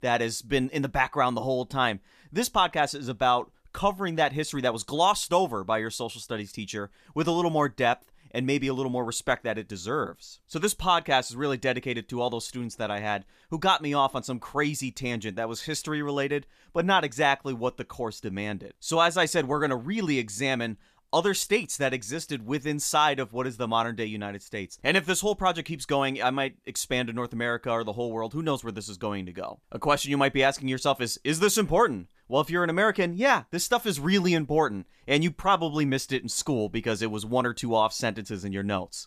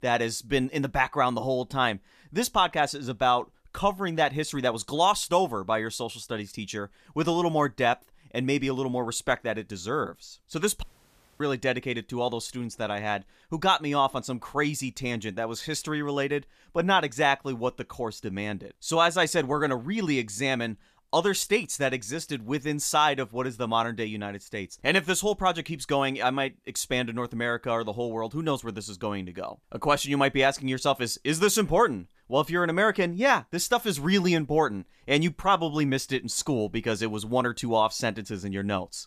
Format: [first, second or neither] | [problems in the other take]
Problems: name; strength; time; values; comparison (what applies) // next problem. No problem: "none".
first | audio cutting out; at 11 s for 0.5 s